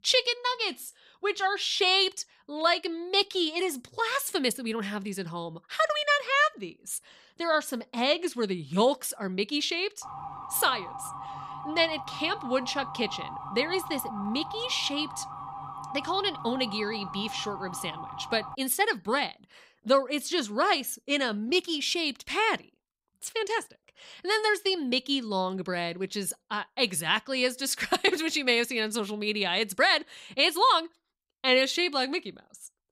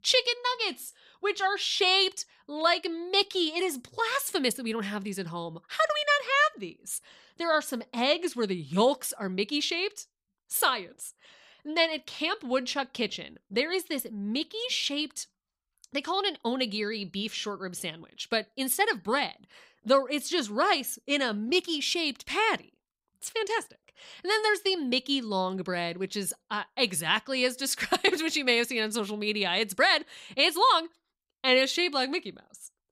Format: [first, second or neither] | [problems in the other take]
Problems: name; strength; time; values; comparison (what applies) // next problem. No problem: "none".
second | siren; faint; from 10 to 19 s; peak 10 dB below the speech